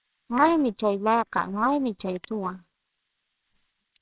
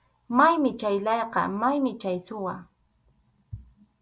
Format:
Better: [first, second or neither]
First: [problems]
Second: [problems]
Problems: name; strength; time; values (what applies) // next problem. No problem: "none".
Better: second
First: noise reduction (neural separator model SepFormer WHAMR!)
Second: none